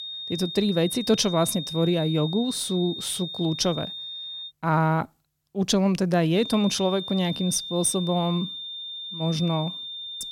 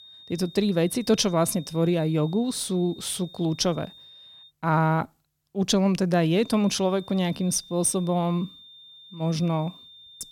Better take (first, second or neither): second